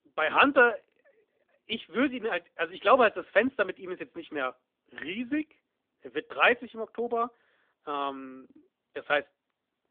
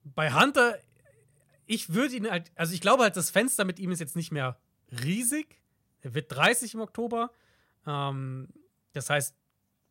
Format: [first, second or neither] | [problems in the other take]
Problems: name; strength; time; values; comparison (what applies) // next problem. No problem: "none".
second | phone-call audio